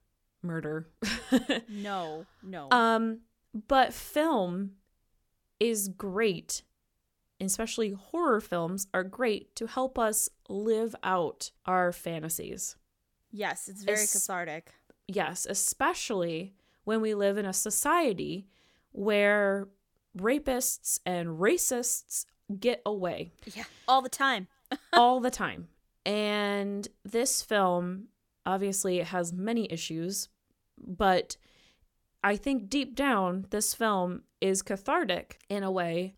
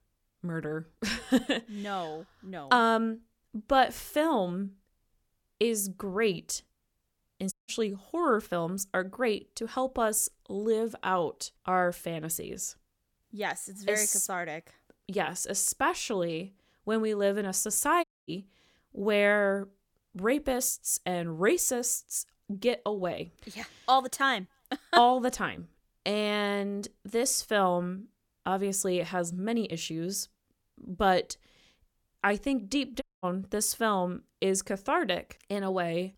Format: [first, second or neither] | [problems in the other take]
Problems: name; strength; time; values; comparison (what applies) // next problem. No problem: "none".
first | audio cutting out; at 7.5 s, at 18 s and at 33 s